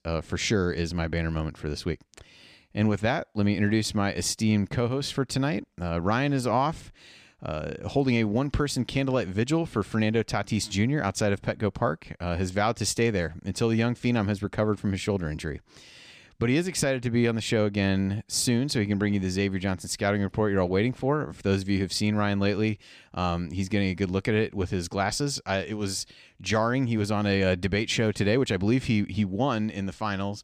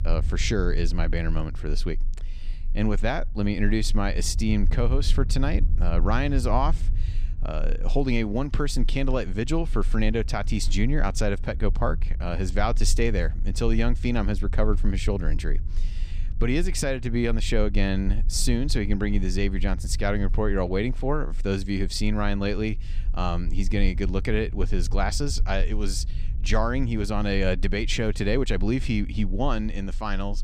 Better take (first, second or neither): first